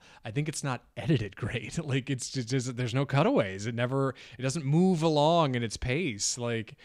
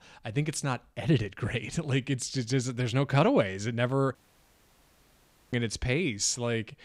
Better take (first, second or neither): first